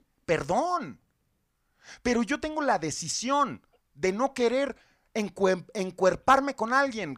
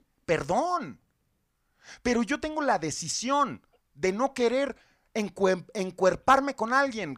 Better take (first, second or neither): neither